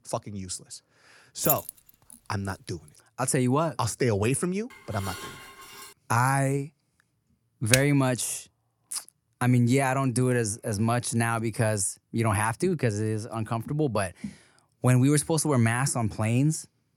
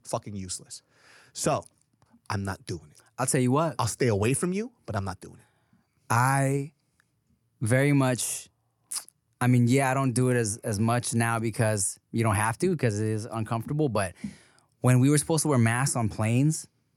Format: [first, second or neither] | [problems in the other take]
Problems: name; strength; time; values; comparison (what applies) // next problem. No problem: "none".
second | jangling keys; loud; at 1.5 s; peak level with the speech // clattering dishes; faint; from 4.5 to 6 s; peak 10 dB below the speech // keyboard typing; very faint; at 7.5 s; peak 1 dB above the speech